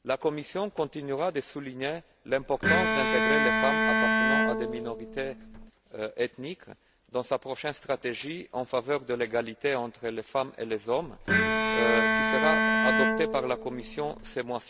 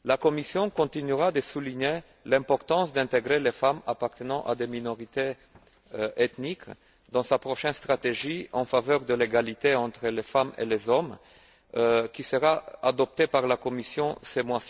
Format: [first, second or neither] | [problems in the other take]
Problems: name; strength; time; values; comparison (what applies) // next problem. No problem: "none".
second | background sound (Bowed string instrument); 5 dB above the speech